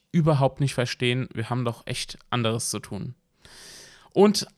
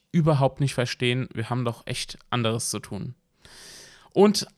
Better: neither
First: none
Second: none

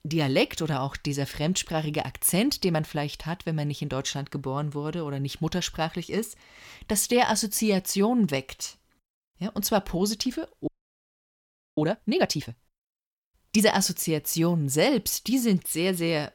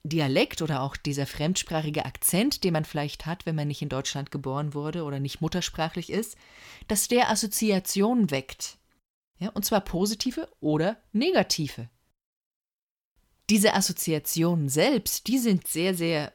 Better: second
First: audio freezing; at 11 s for 1 s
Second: none

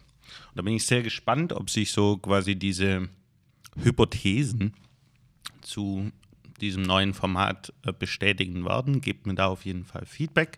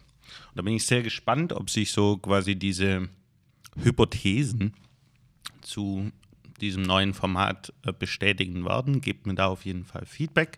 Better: neither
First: none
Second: none

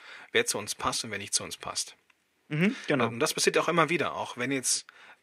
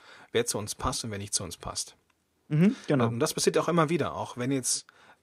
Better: second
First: thin; very slightly; fading below 250 Hz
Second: none

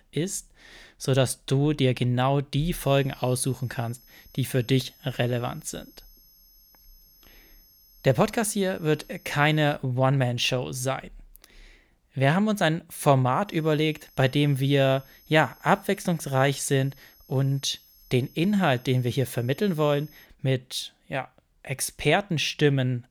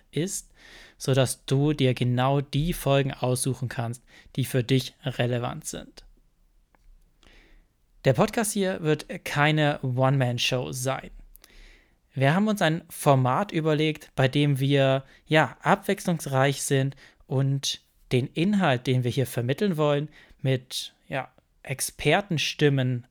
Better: second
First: high-pitched whine; faint; from 3 to 10 s and from 13 to 20 s; 11.5 kHz, 30 dB below the speech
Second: none

